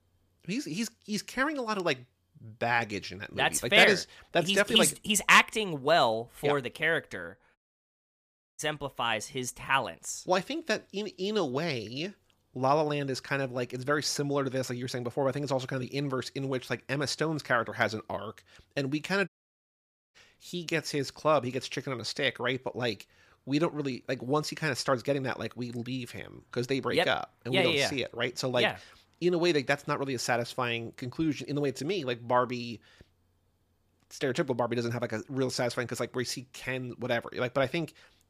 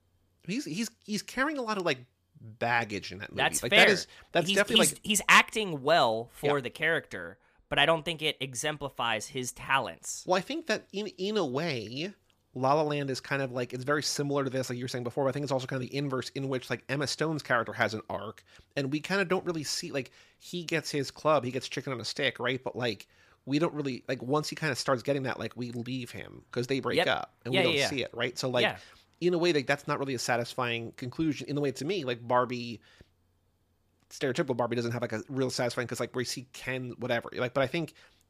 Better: second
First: audio cutting out; at 7.5 s for 1 s and at 19 s for 1 s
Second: none

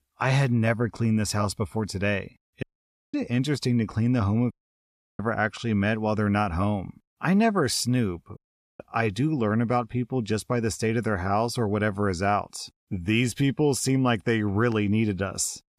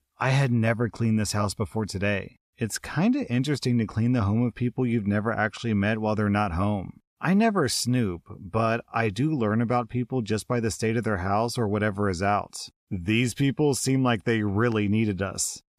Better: second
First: audio cutting out; at 2.5 s for 0.5 s, at 4.5 s for 0.5 s and at 8.5 s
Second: none

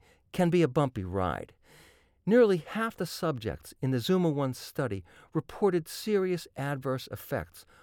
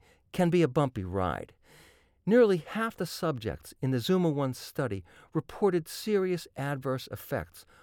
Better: neither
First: none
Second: none

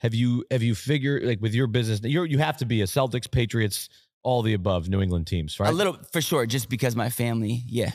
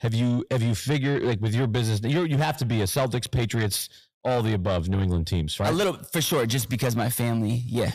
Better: first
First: none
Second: distortion; slight; 10 dB below the speech

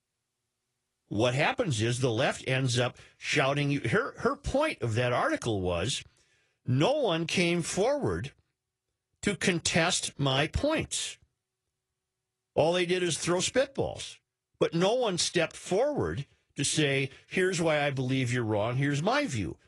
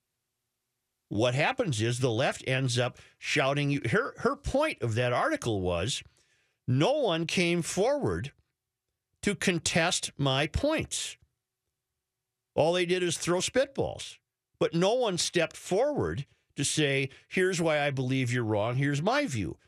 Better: second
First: garbled, watery; slightly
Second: none

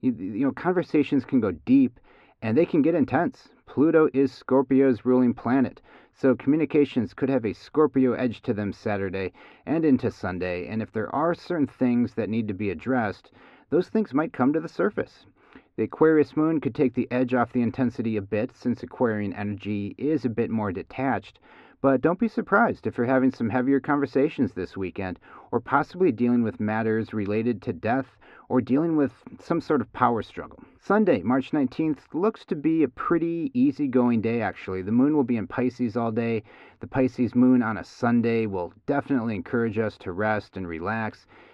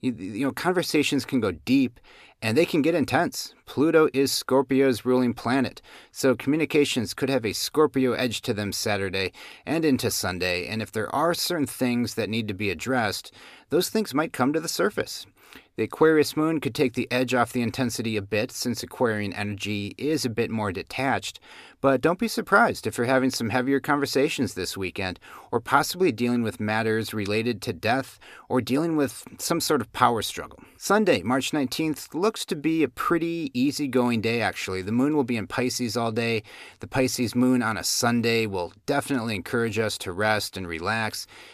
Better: second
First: muffled; very; fading above 1.5 kHz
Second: none

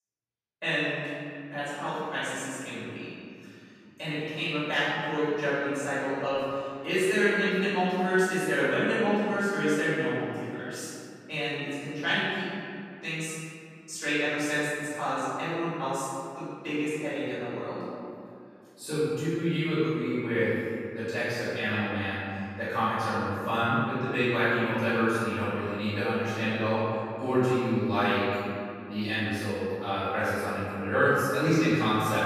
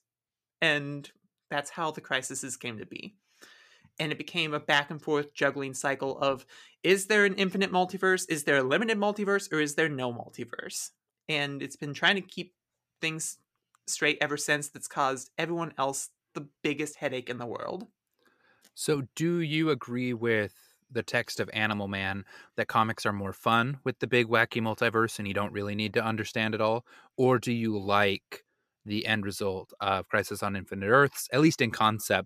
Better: second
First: room echo; strong; dies away in 2.3 s // off-mic speech; far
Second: none

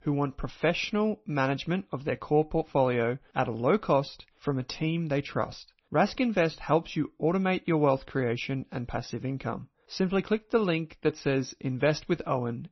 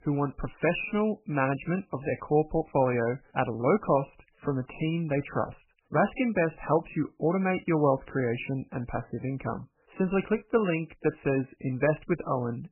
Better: first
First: garbled, watery; slightly; nothing above 6 kHz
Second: garbled, watery; badly; nothing above 3 kHz

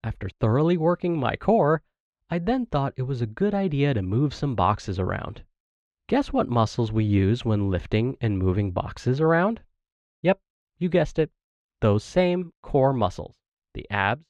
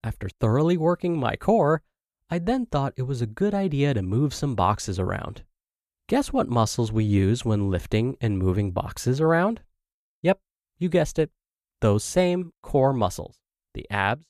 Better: second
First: muffled; very slightly; fading above 3.5 kHz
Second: none

